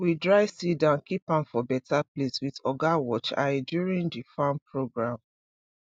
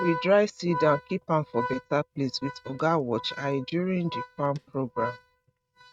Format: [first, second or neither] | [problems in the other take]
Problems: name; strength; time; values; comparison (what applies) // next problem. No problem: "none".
first | noise reduction (neural mask model RNNoise)